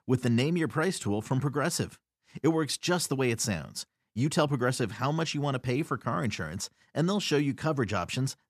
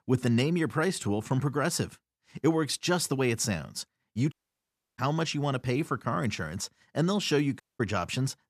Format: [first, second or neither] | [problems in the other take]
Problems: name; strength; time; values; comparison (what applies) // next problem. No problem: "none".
first | audio cutting out; at 4.5 s for 0.5 s and at 7.5 s